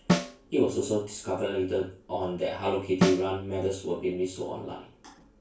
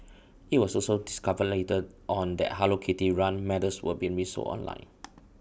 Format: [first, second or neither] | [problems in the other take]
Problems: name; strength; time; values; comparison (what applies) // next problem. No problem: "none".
second | background sound (Snare drum); 4 dB below the speech // room echo; dies away in 0.3 s